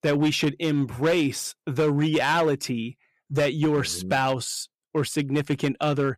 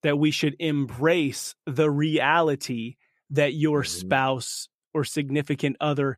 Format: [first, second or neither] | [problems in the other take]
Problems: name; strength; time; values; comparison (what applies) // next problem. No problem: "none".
second | distortion; slight; 7% of the sound clipped